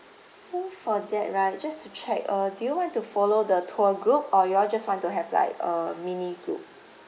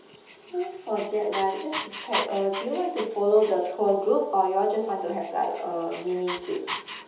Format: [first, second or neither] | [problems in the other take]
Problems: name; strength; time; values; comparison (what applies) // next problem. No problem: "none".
first | background sound (Dog); 12 dB below the speech // room echo; dies away in 1.2 s